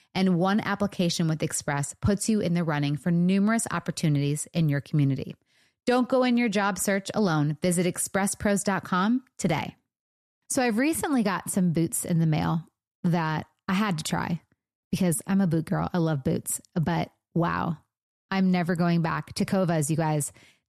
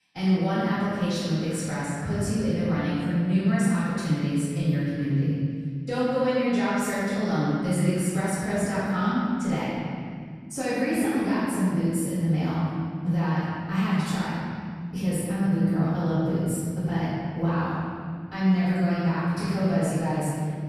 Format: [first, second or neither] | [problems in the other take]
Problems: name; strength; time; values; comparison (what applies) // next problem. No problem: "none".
first | room echo; strong; dies away in 2.2 s // off-mic speech; far